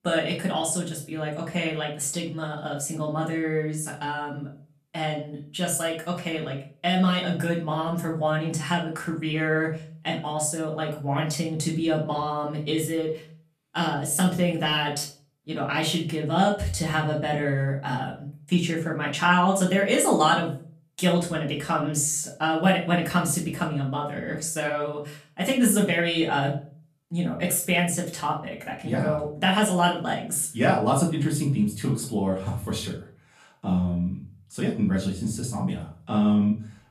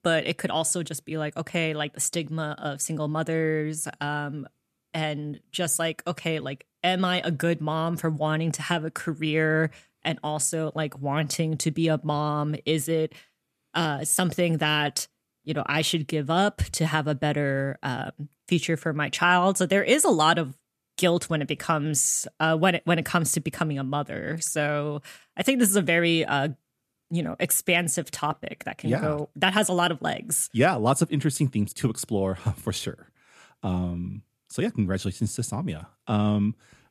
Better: second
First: room echo; slight; dies away in 0.3 s // off-mic speech; far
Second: none

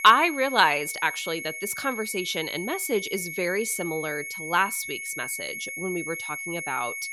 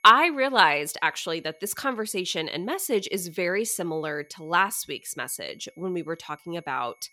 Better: second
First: high-pitched whine; loud; throughout; 2 kHz, 6 dB below the speech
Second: high-pitched whine; faint; throughout; 2 kHz, 35 dB below the speech

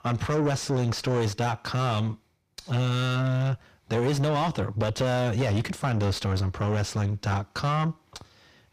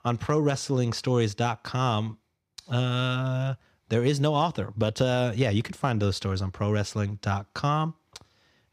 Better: second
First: distortion; heavy; 7 dB below the speech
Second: none

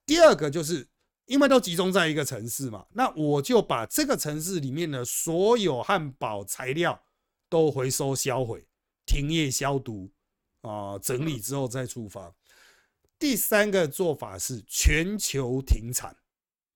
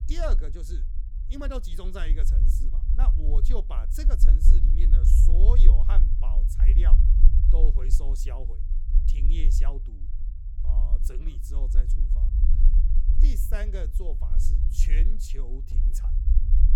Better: first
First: none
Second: low rumble; loud; throughout; 5 dB below the speech

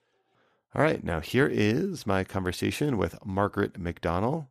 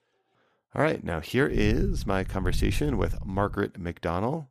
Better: first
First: none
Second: low rumble; very faint; from 1.5 to 3.5 s; 20 dB below the speech

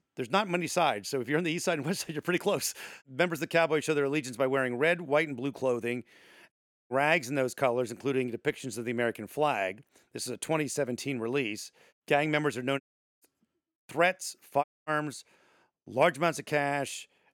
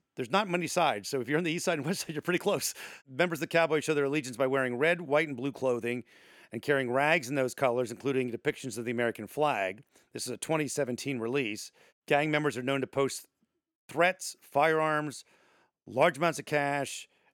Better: second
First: audio cutting out; at 6.5 s, at 13 s and at 15 s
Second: none

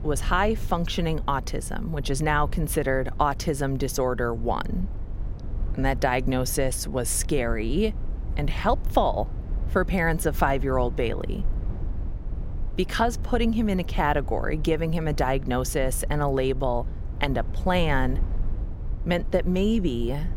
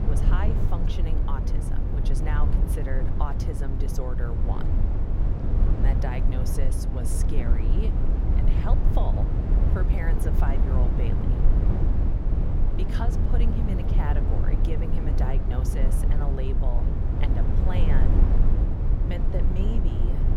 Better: first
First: low rumble; faint; throughout; 20 dB below the speech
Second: low rumble; loud; throughout; as loud as the speech

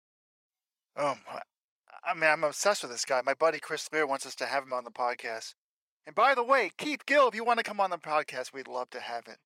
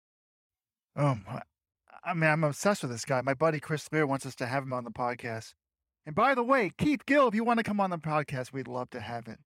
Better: second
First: thin; somewhat; fading below 550 Hz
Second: none

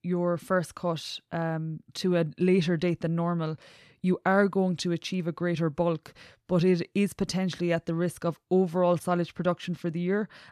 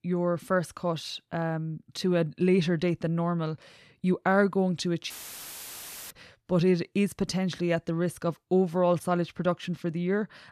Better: first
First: none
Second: audio cutting out; filled with static; at 5 s for 1 s

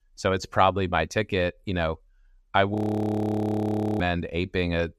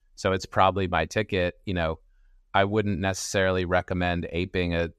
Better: second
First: audio freezing; at 3 s for 1.5 s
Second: none

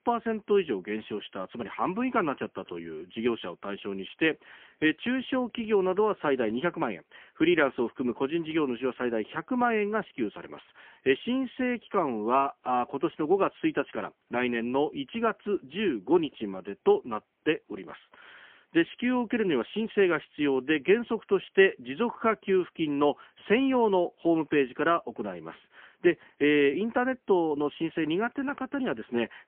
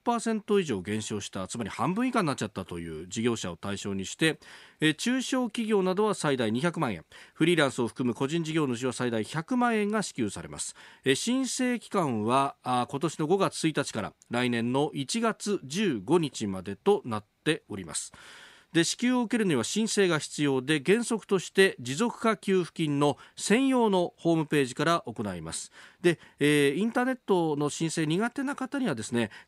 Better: second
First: phone-call audio; poor line; nothing above 3.5 kHz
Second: none

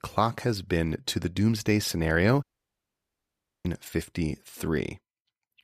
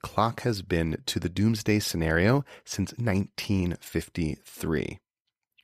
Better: second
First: audio cutting out; at 2.5 s for 1 s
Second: none

